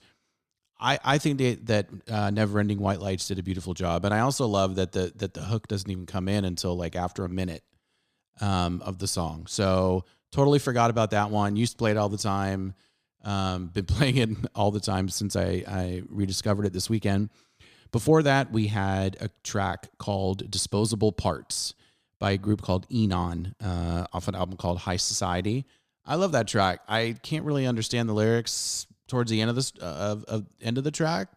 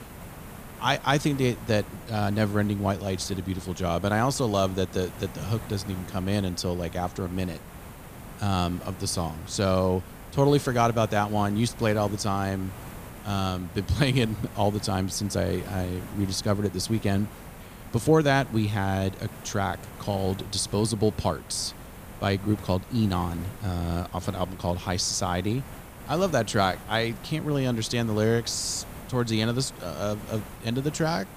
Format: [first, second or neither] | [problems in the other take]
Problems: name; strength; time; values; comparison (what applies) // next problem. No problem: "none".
first | hiss; noticeable; throughout; 15 dB below the speech